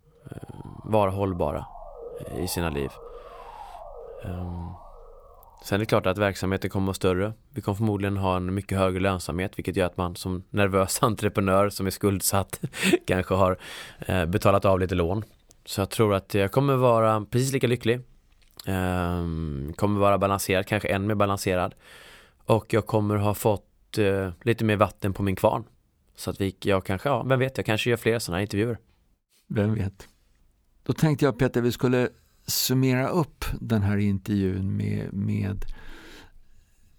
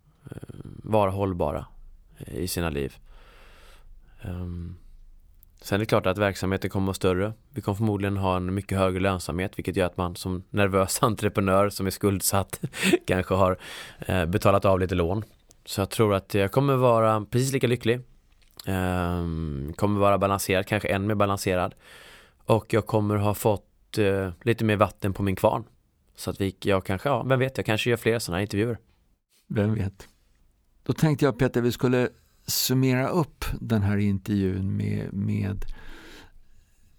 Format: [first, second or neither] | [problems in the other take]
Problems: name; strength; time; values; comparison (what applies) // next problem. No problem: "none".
second | siren; faint; until 6 s; peak 15 dB below the speech